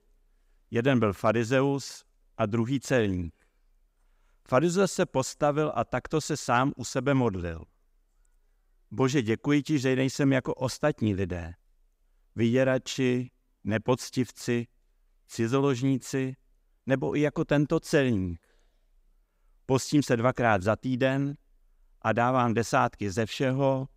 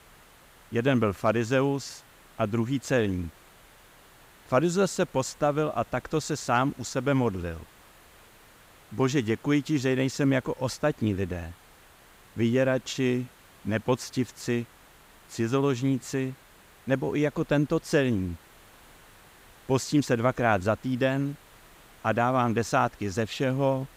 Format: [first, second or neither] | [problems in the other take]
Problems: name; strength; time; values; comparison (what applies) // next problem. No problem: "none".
first | hiss; faint; throughout; 25 dB below the speech